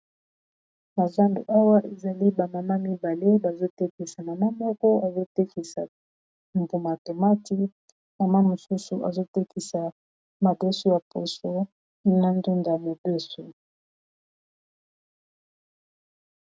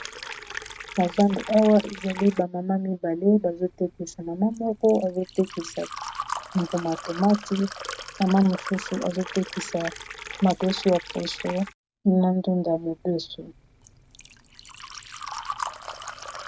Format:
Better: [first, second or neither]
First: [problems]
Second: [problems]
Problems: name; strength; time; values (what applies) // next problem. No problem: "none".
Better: first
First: none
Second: background sound (Liquid); 13 dB below the speech